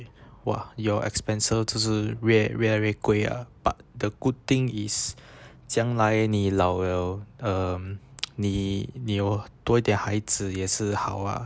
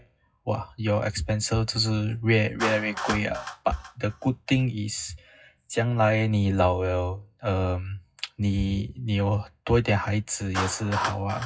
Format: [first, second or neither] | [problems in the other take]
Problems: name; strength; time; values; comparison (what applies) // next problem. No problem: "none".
first | noise reduction (classical method WPE with log-MMSE)